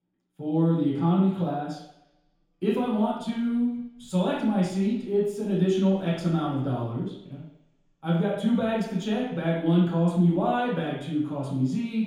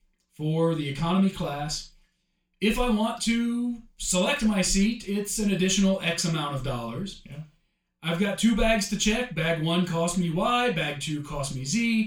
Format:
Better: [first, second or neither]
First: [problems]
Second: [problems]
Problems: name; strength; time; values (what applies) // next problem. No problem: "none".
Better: second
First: room echo; strong; dies away in 0.8 s // off-mic speech; far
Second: room echo; slight; dies away in 0.3 s // off-mic speech; far